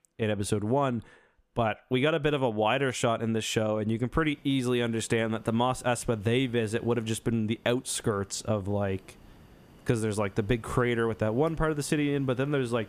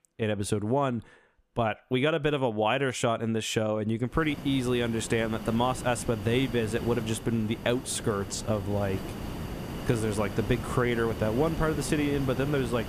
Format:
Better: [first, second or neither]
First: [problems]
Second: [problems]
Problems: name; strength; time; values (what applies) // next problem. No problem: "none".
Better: first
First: hiss; faint; from 4 s on; 30 dB below the speech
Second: hiss; loud; from 4 s on; 10 dB below the speech